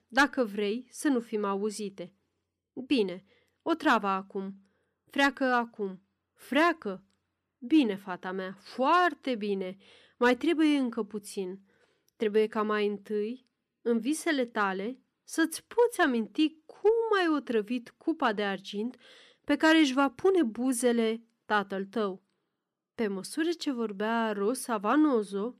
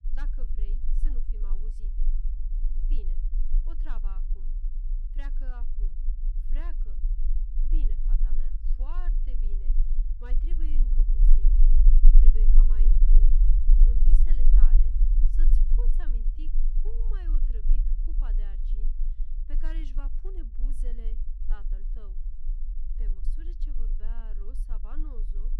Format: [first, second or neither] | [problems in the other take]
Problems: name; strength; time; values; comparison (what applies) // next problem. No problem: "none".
first | low rumble; loud; throughout; 2 dB below the speech